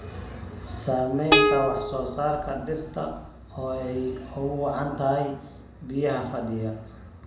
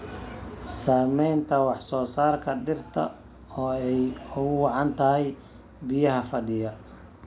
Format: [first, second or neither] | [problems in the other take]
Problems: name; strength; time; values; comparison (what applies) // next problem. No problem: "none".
second | background sound (Plucked string instrument); 3 dB above the speech // room echo; dies away in 0.8 s